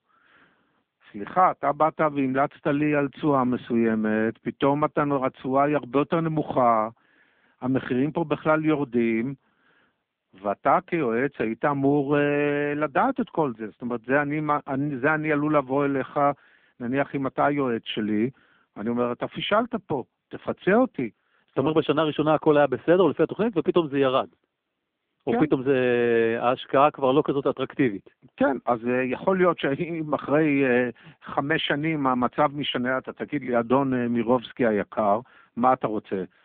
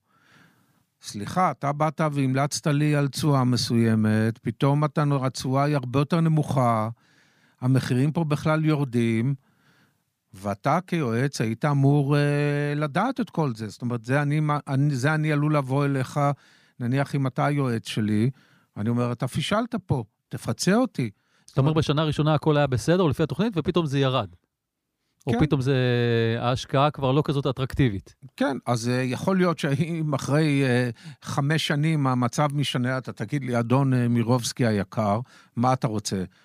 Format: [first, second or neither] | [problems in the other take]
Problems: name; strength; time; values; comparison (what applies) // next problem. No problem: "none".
second | phone-call audio; poor line; nothing above 3.5 kHz